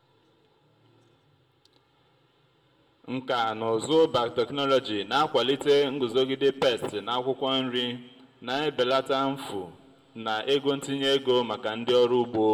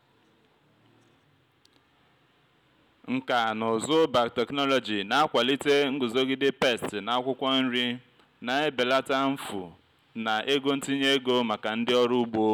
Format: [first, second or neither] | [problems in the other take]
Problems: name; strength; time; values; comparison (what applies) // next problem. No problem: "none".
second | room echo; dies away in 1 s